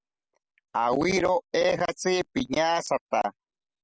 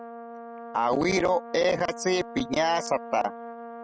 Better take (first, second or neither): first